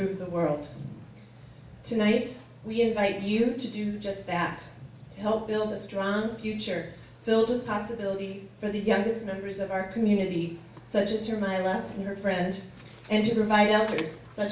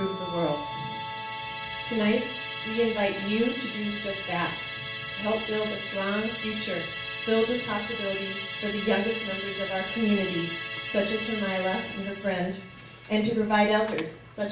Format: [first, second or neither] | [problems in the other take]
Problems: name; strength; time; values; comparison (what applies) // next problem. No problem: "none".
first | background sound (Musical instrument); 7 dB below the speech